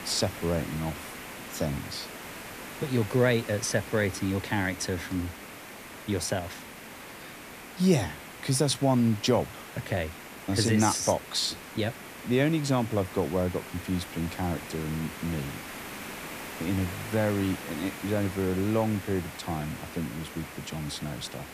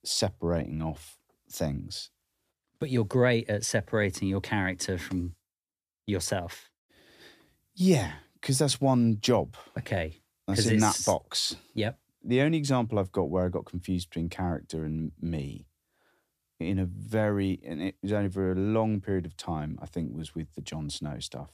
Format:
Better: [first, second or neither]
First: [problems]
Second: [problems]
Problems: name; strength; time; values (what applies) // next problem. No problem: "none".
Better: second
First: hiss; noticeable; throughout; 10 dB below the speech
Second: none